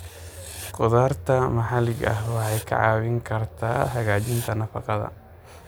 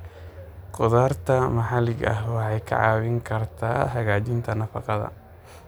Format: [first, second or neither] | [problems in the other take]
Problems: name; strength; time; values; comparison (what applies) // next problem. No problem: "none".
second | background sound (Writing); 20 dB below the speech